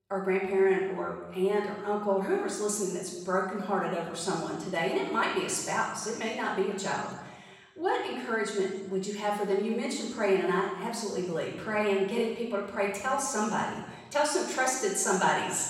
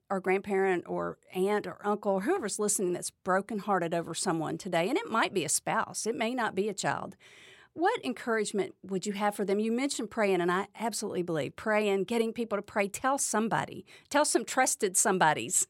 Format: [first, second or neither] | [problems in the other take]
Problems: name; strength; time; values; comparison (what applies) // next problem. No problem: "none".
second | room echo; noticeable; dies away in 1.1 s // off-mic speech; far